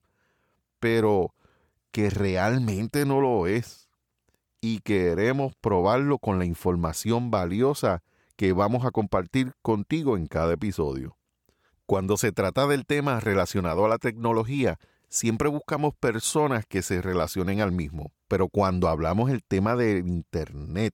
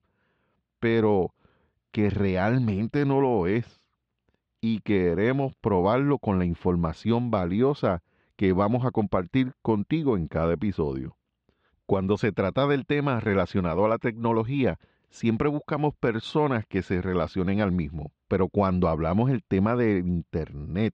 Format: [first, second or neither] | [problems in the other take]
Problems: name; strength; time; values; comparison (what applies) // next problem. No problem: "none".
first | muffled; slightly; fading above 3.5 kHz